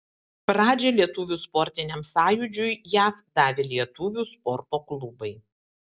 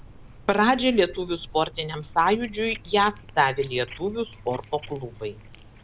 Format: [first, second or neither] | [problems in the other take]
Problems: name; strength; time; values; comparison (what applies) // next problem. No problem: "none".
first | background sound (Cat); 18 dB below the speech